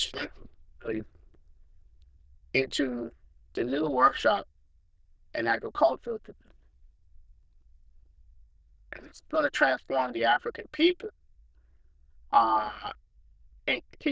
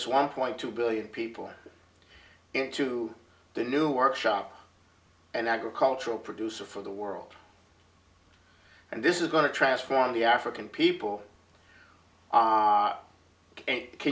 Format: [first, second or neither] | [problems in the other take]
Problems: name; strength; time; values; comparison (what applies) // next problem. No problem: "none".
second | noise reduction (neural diffusion model UNIVERSE++)